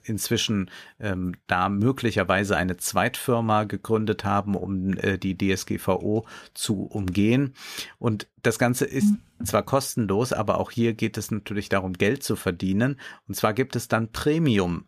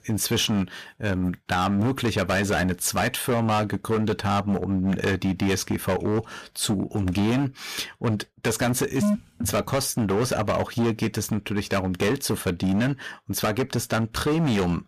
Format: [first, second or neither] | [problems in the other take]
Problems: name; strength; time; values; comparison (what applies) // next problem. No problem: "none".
first | distortion; heavy; 16% of the sound clipped